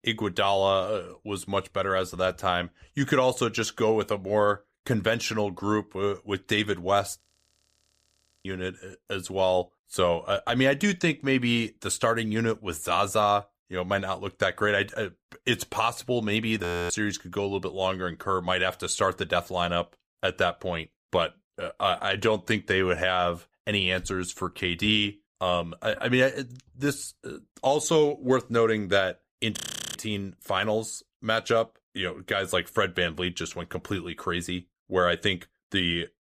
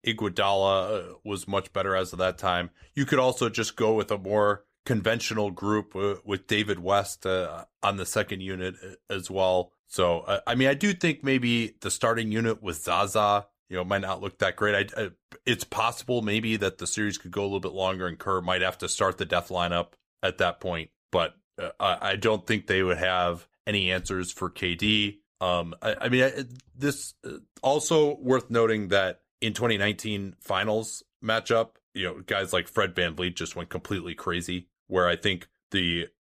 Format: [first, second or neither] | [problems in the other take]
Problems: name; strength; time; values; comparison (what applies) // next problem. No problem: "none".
second | audio freezing; at 7 s for 1 s, at 17 s and at 30 s